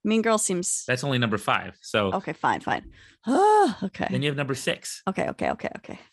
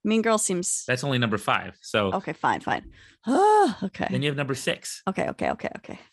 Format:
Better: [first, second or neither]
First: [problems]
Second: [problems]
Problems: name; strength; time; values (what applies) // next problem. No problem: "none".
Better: neither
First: none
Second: none